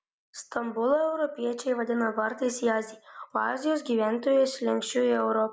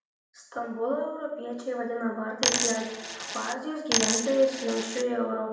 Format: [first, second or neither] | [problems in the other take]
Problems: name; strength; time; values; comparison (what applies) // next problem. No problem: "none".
first | background sound (Coin (dropping)); as loud as the speech // room echo; dies away in 0.8 s